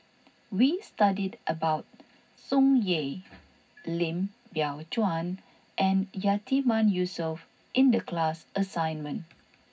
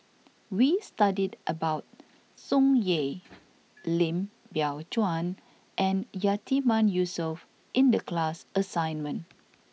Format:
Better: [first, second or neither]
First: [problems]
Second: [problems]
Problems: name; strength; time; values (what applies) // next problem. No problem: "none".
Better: second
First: room echo; dies away in 0.4 s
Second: none